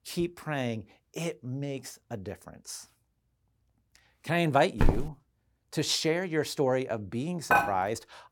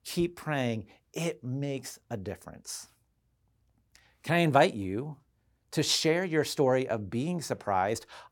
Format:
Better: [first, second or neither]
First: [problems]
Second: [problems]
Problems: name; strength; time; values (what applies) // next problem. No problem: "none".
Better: second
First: footsteps; loud; at 5 s; peak 2 dB above the speech // clattering dishes; loud; at 7.5 s; peak 5 dB above the speech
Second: none